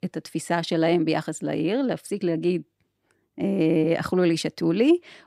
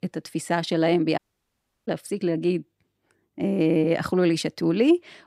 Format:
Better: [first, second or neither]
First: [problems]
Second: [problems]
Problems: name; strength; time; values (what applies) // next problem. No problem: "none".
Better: first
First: none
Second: audio cutting out; at 1 s for 0.5 s